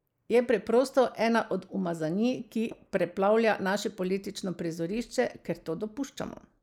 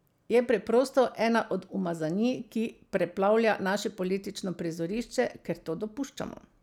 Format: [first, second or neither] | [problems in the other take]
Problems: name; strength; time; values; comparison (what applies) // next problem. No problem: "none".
second | noise reduction (neural mask model Resemble Enhance denoiser)